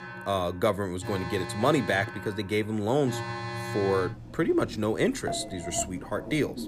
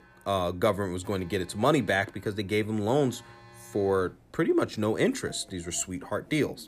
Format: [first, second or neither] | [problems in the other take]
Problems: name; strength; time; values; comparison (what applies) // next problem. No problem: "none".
second | alarms or sirens; loud; throughout; 9 dB below the speech; faint in the second